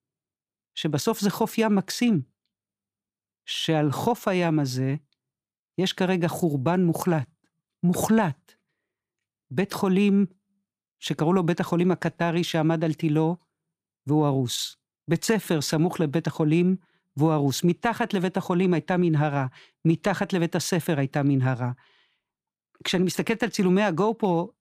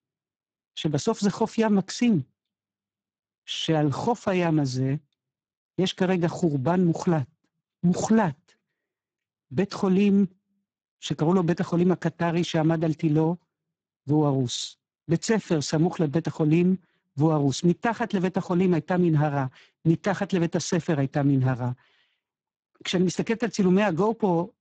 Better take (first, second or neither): first